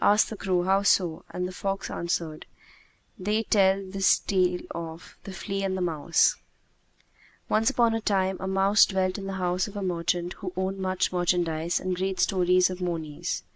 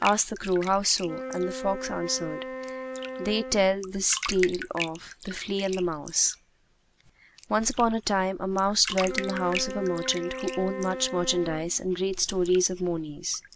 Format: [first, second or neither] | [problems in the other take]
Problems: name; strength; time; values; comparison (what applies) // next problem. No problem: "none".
first | background sound (Bathtub (filling or washing) + Wind instrument, woodwind instrument); 10 dB below the speech